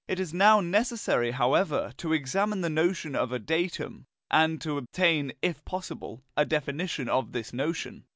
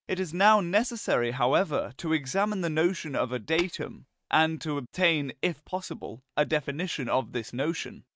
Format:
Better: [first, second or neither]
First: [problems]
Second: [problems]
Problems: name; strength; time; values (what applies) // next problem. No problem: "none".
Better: first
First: none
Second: noise reduction (neural mask model RNNoise)